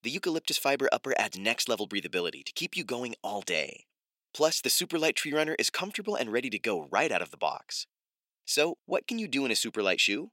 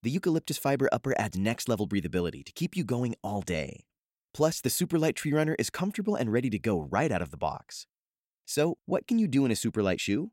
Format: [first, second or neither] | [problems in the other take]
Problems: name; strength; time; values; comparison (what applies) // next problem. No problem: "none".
second | thin; somewhat; fading below 400 Hz